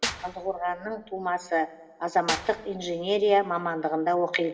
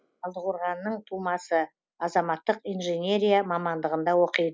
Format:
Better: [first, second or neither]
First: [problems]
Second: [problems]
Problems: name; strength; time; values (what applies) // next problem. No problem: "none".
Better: second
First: background sound (Clapping / Drum kit); 12 dB below the speech // room echo; dies away in 1.8 s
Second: none